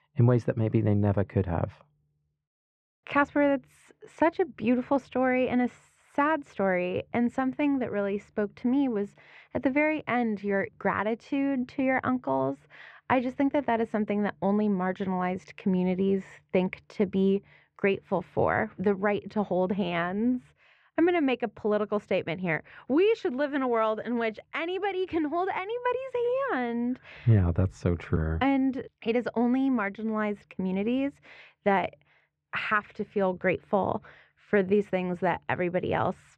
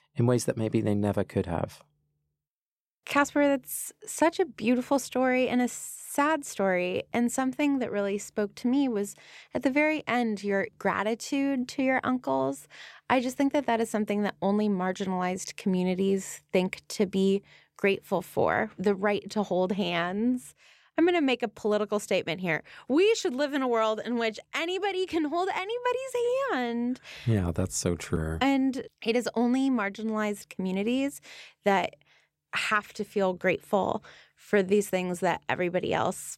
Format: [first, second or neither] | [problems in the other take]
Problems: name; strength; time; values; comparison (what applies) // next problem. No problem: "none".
second | muffled; very; fading above 2 kHz